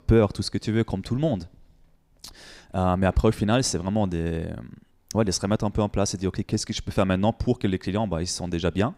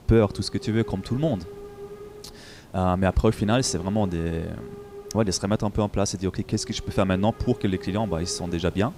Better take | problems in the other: first | hiss; noticeable; throughout; 15 dB below the speech

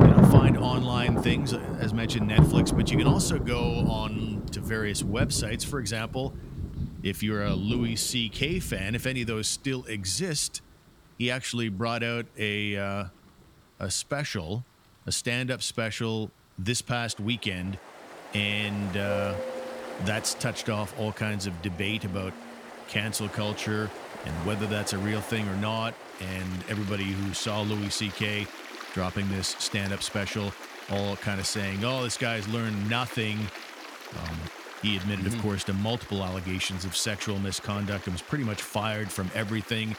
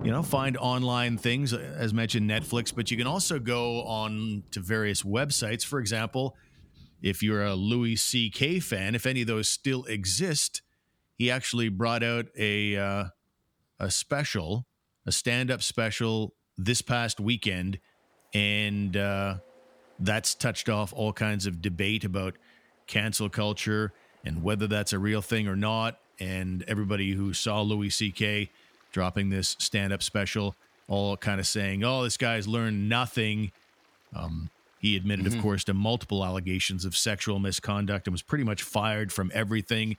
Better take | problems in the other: second | rain or running water; loud; throughout; 2 dB below the speech; faint in the second

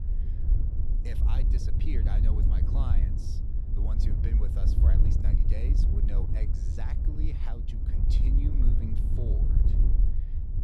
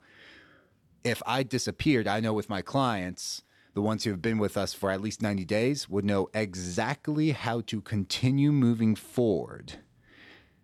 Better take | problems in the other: second | wind noise on the microphone; heavy; 1 dB above the speech

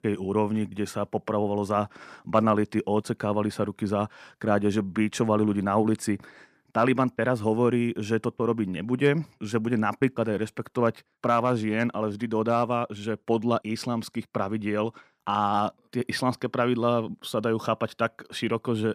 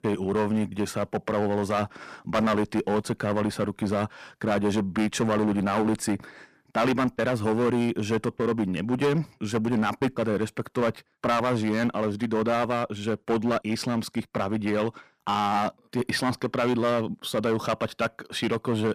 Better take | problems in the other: first | distortion; heavy; 10% of the sound clipped

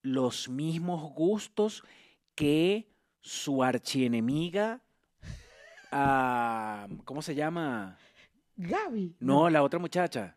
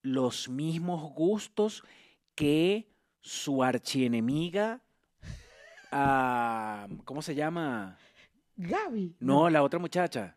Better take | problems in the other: neither | none

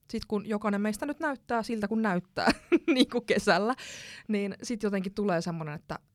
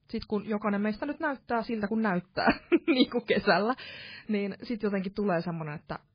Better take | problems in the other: first | garbled, watery; badly; nothing above 4.5 kHz

